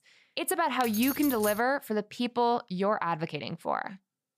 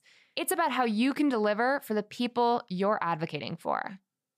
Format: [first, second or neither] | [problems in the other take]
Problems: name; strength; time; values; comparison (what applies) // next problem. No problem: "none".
second | jangling keys; noticeable; at 1 s; peak 5 dB below the speech